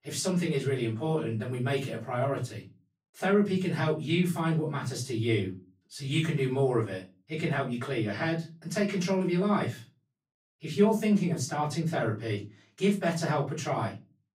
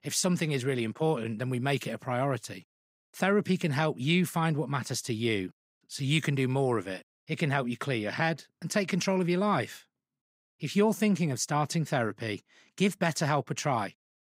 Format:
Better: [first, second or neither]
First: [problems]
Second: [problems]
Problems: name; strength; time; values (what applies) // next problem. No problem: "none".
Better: second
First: off-mic speech; far // room echo; slight; dies away in 0.3 s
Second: none